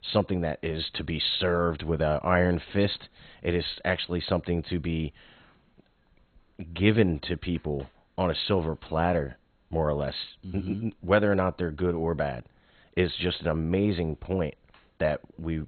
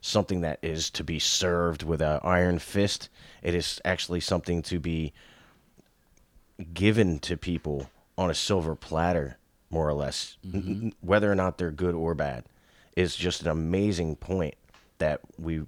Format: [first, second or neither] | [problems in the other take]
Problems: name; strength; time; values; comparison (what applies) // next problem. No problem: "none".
second | garbled, watery; badly; nothing above 4 kHz